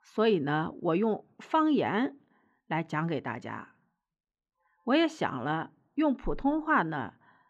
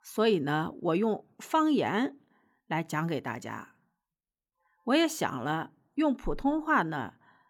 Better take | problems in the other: second | muffled; slightly; fading above 3.5 kHz

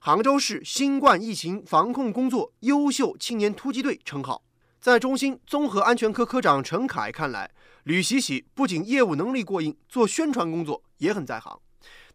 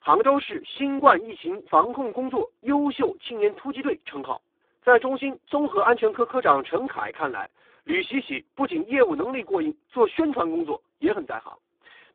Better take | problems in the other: first | phone-call audio; poor line

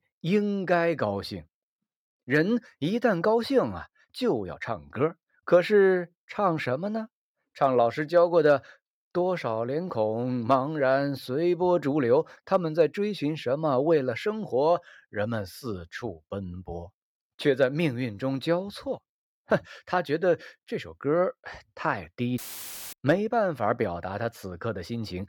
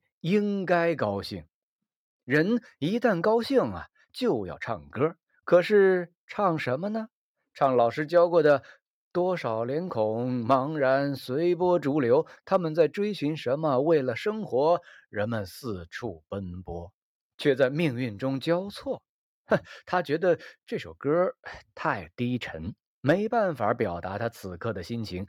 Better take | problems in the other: second | audio cutting out; filled with static; at 22 s for 0.5 s

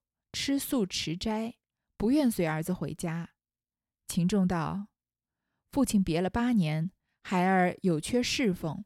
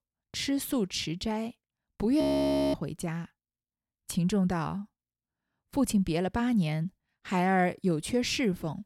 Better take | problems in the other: first | audio freezing; at 2 s for 0.5 s

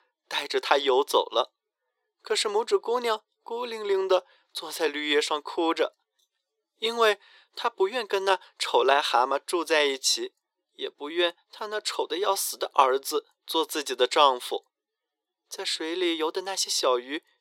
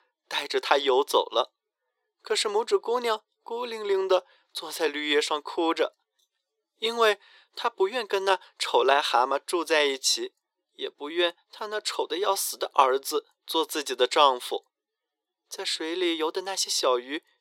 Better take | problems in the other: neither | thin; very; fading below 350 Hz; the same in both

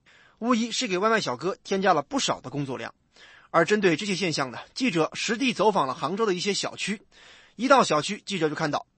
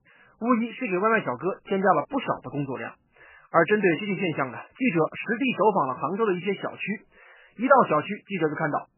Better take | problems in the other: first | garbled, watery; badly; nothing above 3 kHz; slightly in the first

